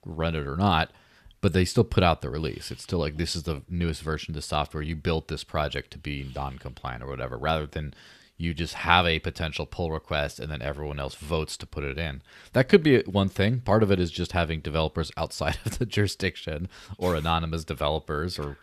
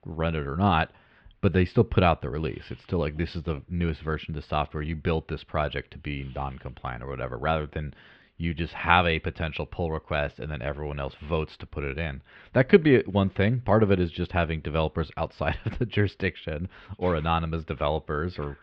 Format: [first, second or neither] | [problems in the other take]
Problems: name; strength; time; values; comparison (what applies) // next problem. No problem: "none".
first | muffled; very; fading above 3 kHz